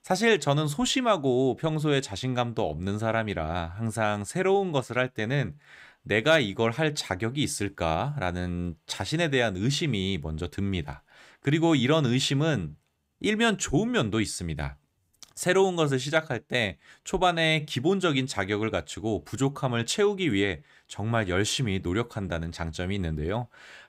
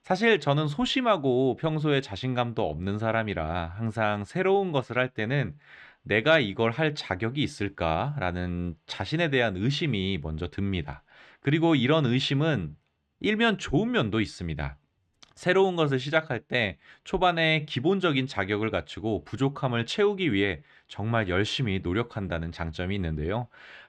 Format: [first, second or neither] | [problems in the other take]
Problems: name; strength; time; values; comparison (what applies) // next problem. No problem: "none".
first | muffled; slightly; fading above 3 kHz